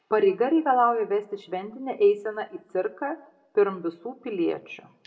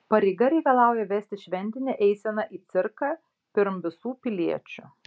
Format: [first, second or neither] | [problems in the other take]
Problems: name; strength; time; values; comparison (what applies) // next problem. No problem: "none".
second | room echo; dies away in 0.6 s